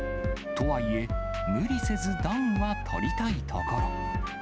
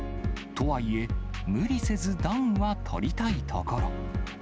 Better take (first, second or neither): second